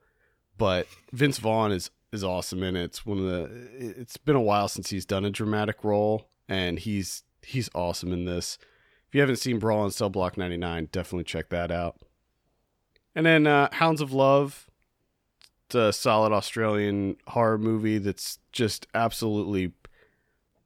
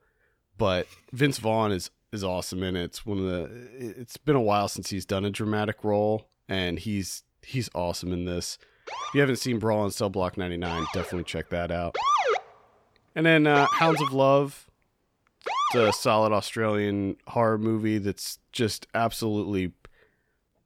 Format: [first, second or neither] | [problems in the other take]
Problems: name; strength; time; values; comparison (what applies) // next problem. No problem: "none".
first | siren; loud; from 9 to 16 s; peak 4 dB above the speech